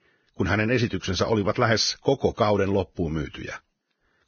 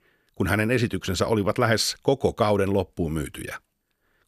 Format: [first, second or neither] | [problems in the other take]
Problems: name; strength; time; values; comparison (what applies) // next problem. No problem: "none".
second | garbled, watery; badly; nothing above 6.5 kHz